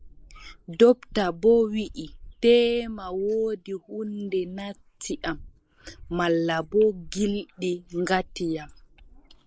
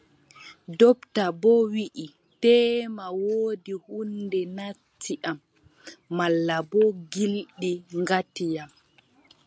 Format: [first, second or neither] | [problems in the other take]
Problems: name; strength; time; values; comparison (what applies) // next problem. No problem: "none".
second | noise reduction (neural mask model Resemble Enhance denoiser)